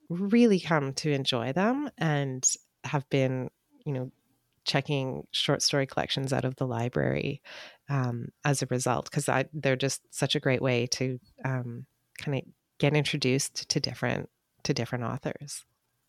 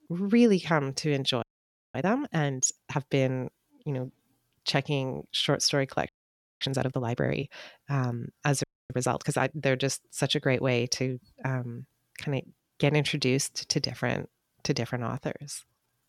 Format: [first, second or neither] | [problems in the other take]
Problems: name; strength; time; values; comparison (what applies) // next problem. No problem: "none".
first | audio freezing; at 1.5 s for 0.5 s, at 6 s for 0.5 s and at 8.5 s